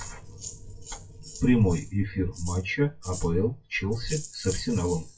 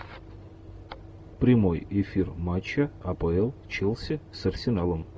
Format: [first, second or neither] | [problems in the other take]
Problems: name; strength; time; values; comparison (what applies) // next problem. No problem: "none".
second | noise reduction (classical method WPE with log-MMSE)